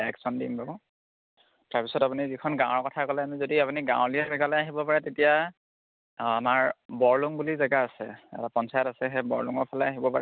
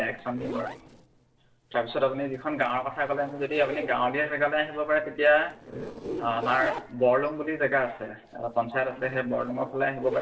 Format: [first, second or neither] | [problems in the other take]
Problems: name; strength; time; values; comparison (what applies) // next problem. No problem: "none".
first | noise reduction (neural separator model SepFormer DNS4)